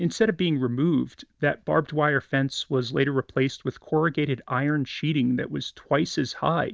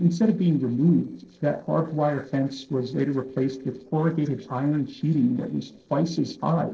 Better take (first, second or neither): first